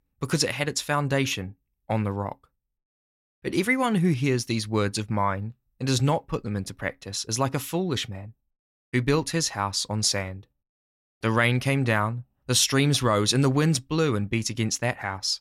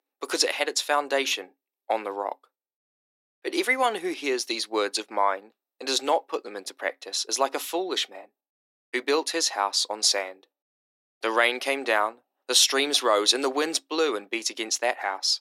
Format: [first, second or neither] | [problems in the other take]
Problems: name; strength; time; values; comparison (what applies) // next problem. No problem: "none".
first | thin; very; fading below 300 Hz